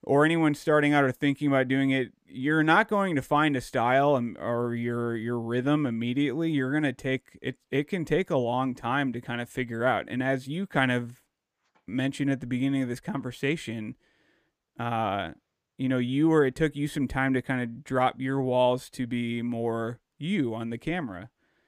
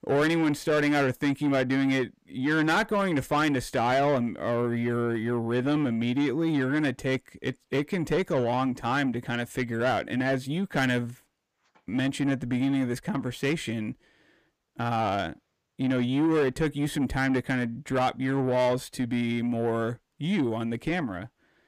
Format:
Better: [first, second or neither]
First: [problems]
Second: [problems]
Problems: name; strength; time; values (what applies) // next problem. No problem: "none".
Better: first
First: none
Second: distortion; slight; 10 dB below the speech